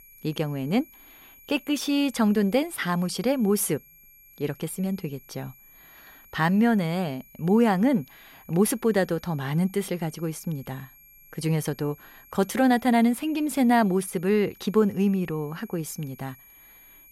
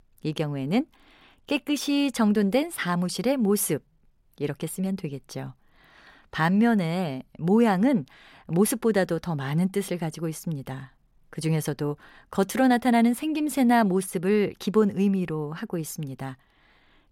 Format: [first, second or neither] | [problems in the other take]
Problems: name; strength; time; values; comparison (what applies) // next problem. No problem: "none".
second | high-pitched whine; faint; throughout; 11.5 kHz, 25 dB below the speech